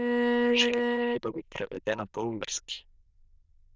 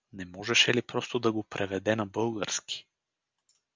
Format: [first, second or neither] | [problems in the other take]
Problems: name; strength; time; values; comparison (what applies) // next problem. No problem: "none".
second | noise reduction (neural diffusion model UNIVERSE++)